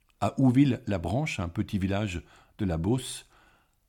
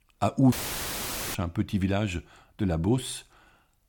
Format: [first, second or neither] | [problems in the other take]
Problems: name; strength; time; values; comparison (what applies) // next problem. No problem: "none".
first | audio cutting out; filled with static; at 0.5 s for 1 s